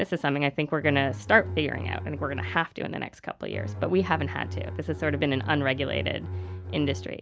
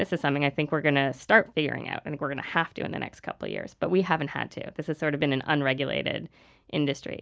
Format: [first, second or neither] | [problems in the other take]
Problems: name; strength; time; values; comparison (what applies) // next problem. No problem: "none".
second | background sound (Bowed string instrument); 7 dB below the speech